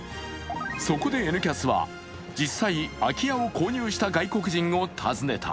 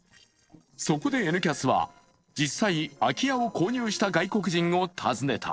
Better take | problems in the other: first | noise reduction (neural separator model SepFormer DNS4)

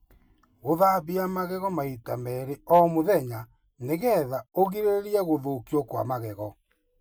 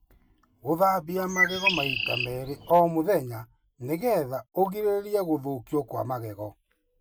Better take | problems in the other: first | background sound (Bird); 1 dB below the speech

